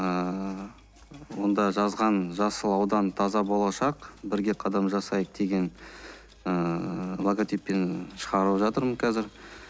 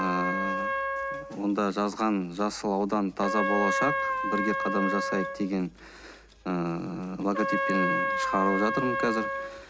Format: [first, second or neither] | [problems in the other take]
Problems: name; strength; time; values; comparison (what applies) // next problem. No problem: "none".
first | background sound (Trumpet); 1 dB below the speech